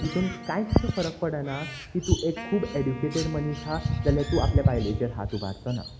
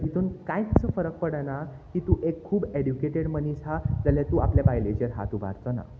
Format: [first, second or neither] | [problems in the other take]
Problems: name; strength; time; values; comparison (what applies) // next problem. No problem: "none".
second | background sound (Crow + Wind instrument, woodwind instrument); 14 dB below the speech